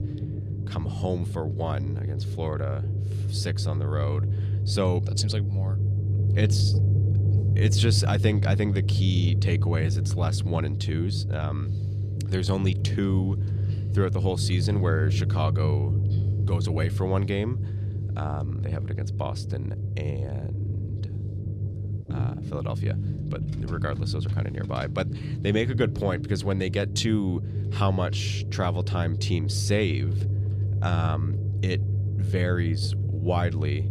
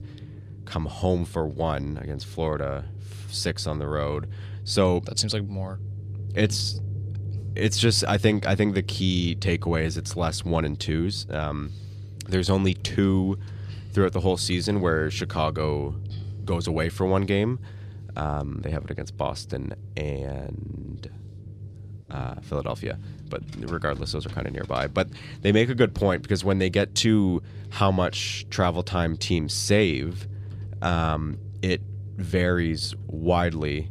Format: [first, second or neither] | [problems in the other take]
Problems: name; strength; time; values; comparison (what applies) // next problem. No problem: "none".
second | low rumble; loud; throughout; 8 dB below the speech; faint in the second